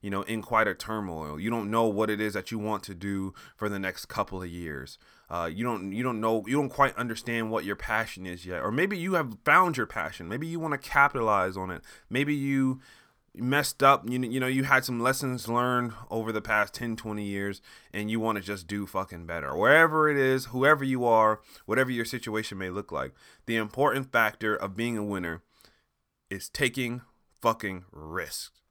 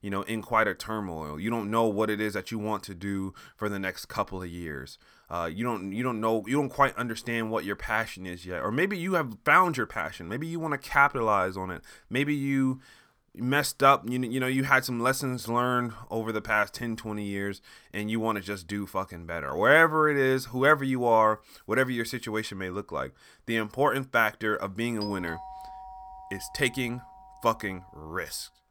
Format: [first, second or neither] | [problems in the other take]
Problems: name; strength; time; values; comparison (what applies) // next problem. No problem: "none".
first | doorbell; faint; from 25 to 28 s; peak 15 dB below the speech